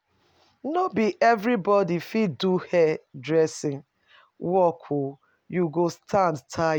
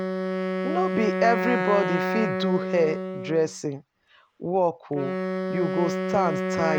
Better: first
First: none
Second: background sound (Wind instrument, woodwind instrument); 2 dB below the speech

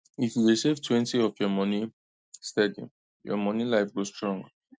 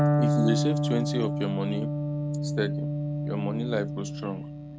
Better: first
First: none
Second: background sound (Electric guitar); 4 dB above the speech

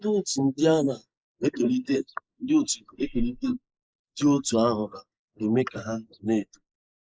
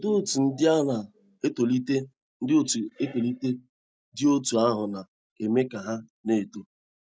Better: second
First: noise reduction (neural mask model Resemble Enhance denoiser)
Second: none

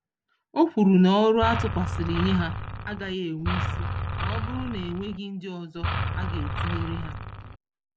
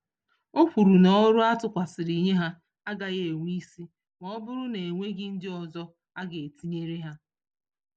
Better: second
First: background sound (Engine); 3 dB below the speech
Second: none

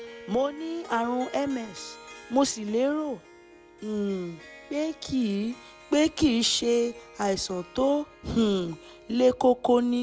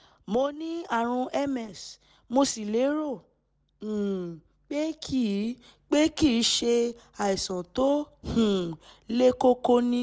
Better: second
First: background sound (Harp); 20 dB below the speech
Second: none

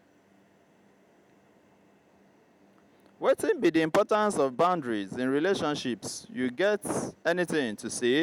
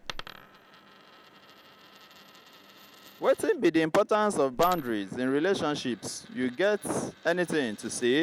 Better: first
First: none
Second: background sound (Coin (dropping)); 19 dB below the speech

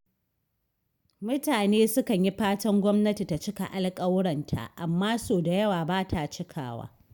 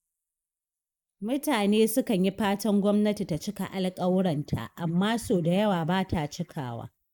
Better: first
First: none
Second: noise reduction (neural mask model Resemble Enhance denoiser)

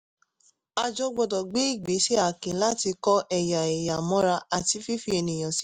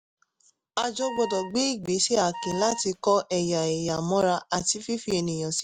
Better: first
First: none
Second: background sound (Wind instrument, woodwind instrument); 12 dB below the speech

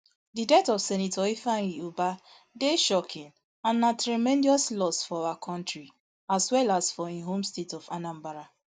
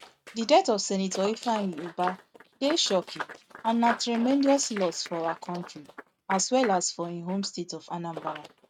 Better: first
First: none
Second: noise reduction (neural mask model RNNoise)

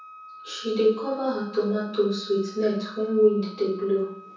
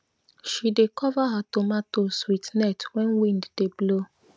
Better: second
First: background sound (Wind instrument, woodwind instrument); 20 dB below the speech // room echo; dies away in 0.6 s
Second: none

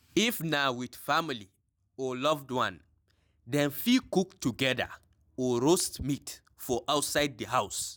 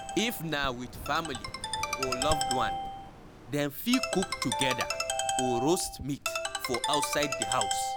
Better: first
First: none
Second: background sound (Ringtone); 1 dB below the speech

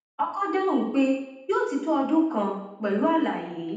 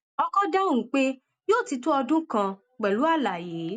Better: second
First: room echo; dies away in 0.8 s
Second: none

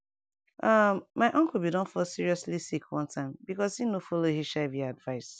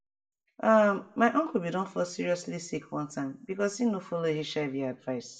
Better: first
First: none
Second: room echo; dies away in 0.4 s

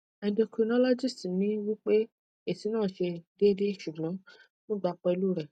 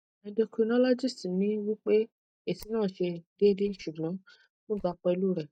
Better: first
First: none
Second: noise reduction (neural mask model DeepFilterNet 3)

